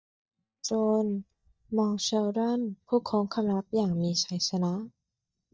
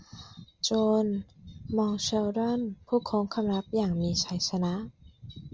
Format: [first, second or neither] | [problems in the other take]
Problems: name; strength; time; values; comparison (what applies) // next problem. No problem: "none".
second | noise reduction (neural mask model DeepFilterNet 3)